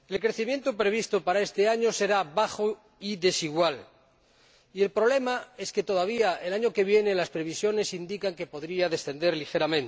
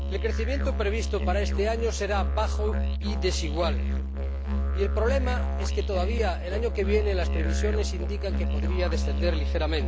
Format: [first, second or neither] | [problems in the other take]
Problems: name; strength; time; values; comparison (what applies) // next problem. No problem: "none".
first | background sound (Musical instrument); 4 dB above the speech